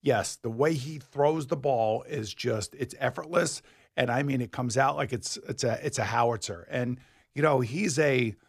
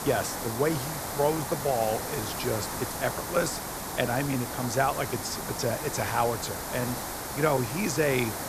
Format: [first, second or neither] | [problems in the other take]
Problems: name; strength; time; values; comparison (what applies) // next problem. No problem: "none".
first | hiss; loud; throughout; 4 dB below the speech